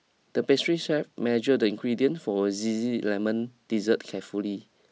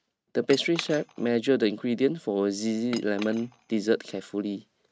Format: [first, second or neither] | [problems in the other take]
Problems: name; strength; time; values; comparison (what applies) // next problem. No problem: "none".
first | noise reduction (neural mask model RNNoise)